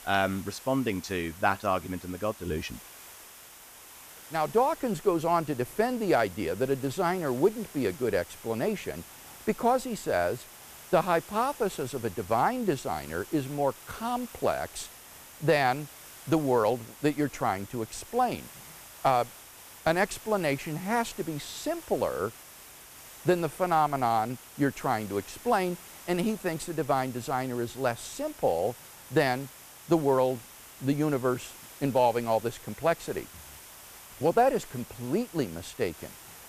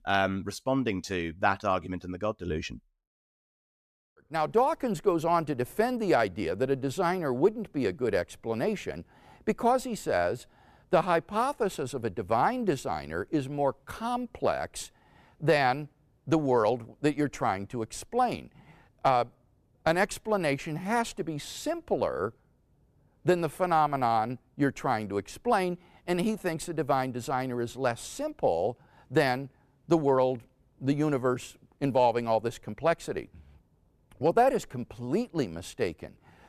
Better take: second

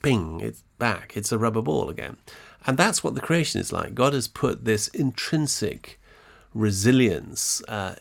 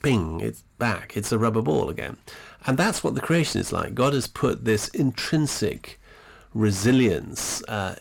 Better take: first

